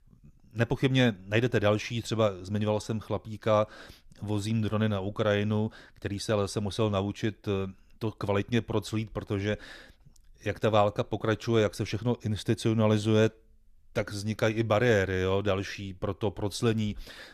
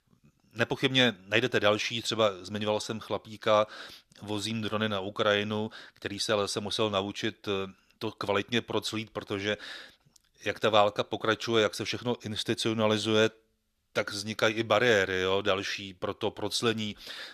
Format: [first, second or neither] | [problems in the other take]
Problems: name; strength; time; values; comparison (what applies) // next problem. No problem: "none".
first | thin; very slightly; fading below 350 Hz